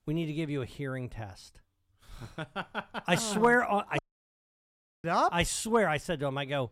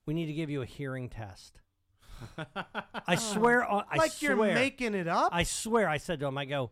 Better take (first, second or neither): second